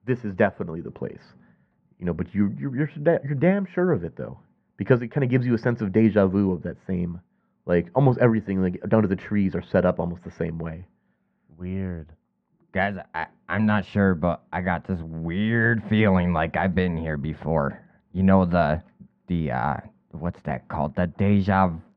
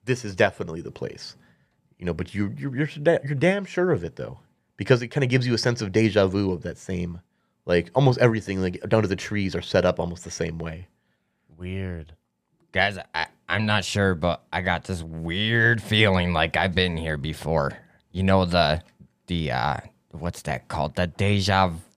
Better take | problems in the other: second | muffled; very; fading above 1.5 kHz

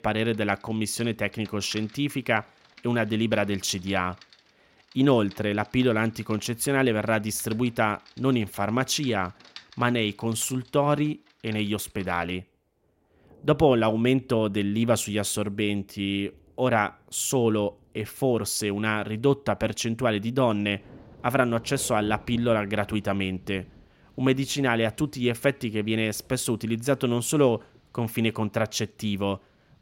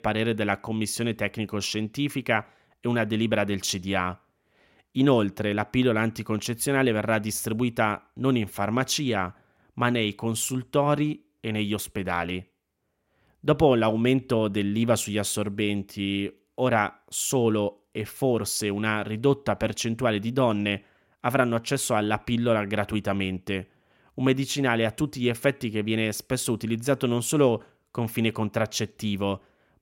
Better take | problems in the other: second | rain or running water; faint; throughout; 25 dB below the speech

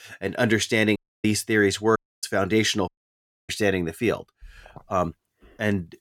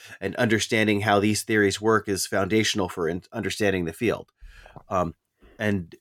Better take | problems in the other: second | audio cutting out; at 1 s, at 2 s and at 3 s for 0.5 s

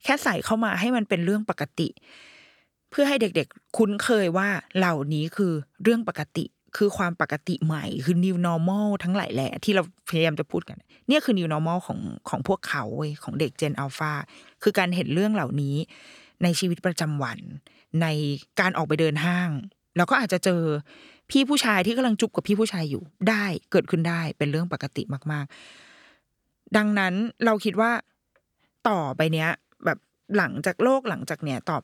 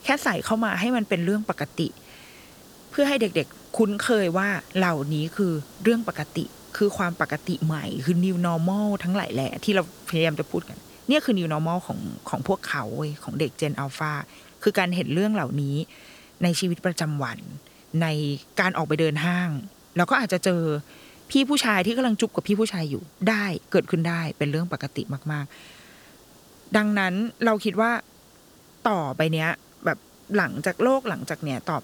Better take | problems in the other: first | hiss; faint; throughout; 25 dB below the speech

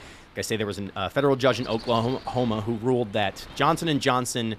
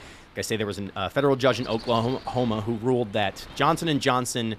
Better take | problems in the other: neither | wind noise on the microphone; occasional gusts; 20 dB below the speech; the same in both

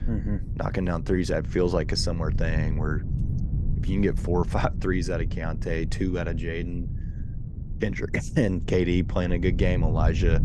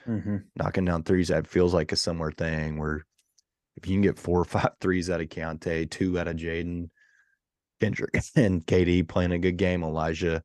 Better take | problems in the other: second | low rumble; noticeable; throughout; 15 dB below the speech

